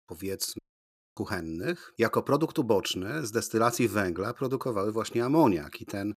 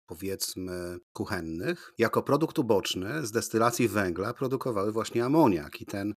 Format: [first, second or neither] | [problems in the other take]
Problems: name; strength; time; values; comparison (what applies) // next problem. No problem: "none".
second | audio cutting out; at 0.5 s for 0.5 s